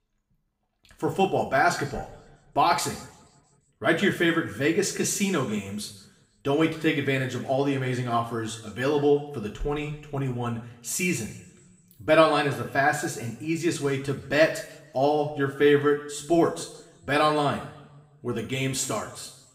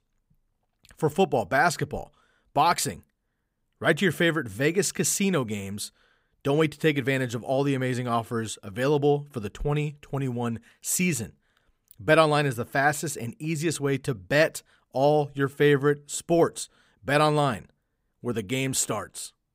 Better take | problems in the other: second | room echo; slight; dies away in 0.7 s // off-mic speech; somewhat distant

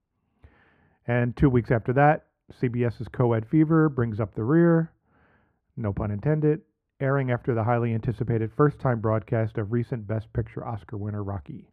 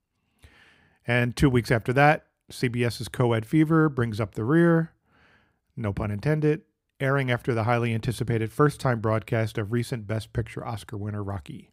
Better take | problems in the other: second | muffled; very; fading above 3 kHz

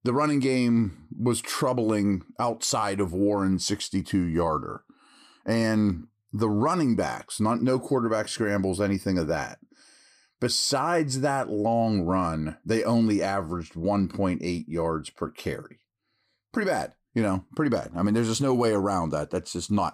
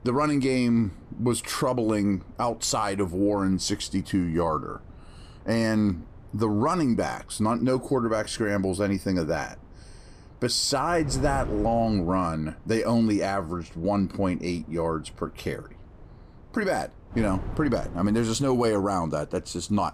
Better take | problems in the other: first | wind noise on the microphone; occasional gusts; 25 dB below the speech

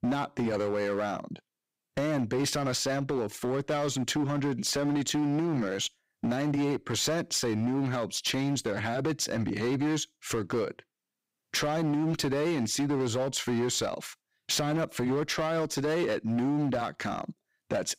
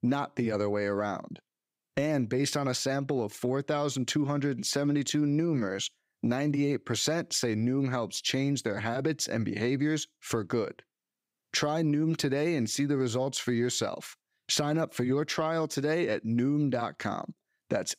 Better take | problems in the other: second | distortion; slight; 15% of the sound clipped

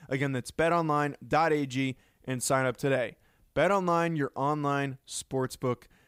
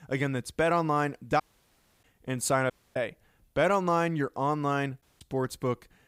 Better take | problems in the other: first | audio cutting out; at 1.5 s for 0.5 s, at 2.5 s and at 5 s

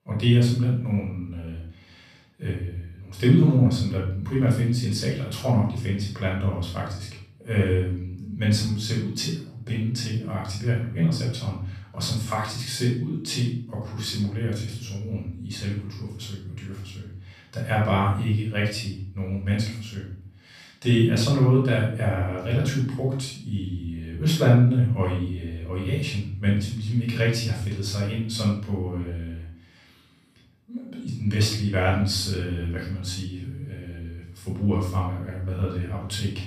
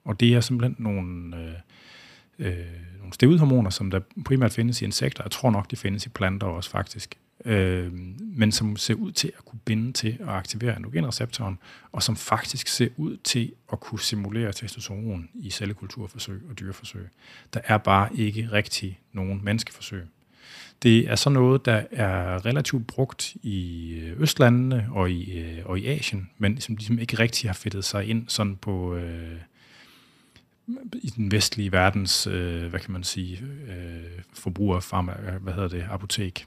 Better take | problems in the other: second | off-mic speech; far // room echo; noticeable; dies away in 0.5 s

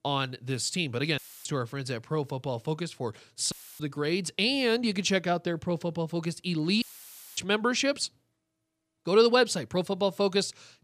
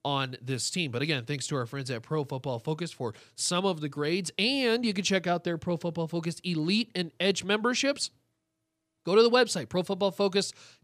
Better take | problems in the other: second | audio cutting out; filled with static; at 1 s, at 3.5 s and at 7 s for 0.5 s

